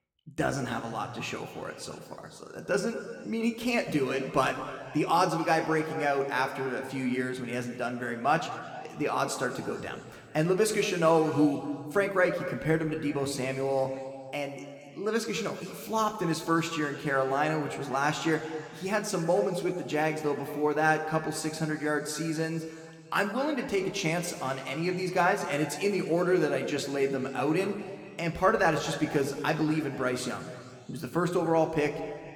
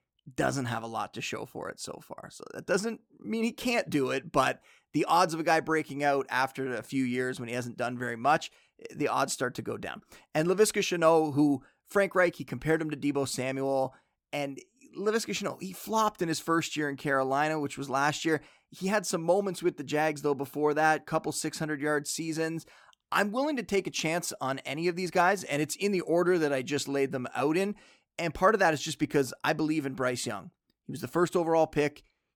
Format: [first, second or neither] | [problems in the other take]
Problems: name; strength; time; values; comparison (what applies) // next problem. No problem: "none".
second | room echo; slight; dies away in 2.2 s